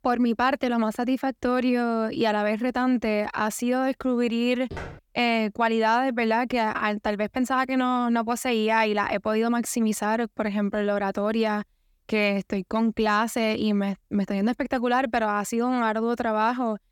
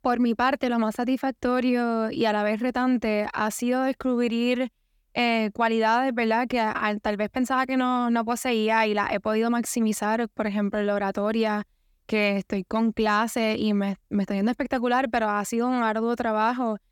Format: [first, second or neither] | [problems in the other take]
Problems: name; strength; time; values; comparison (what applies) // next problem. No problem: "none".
second | footsteps; faint; at 4.5 s; peak 15 dB below the speech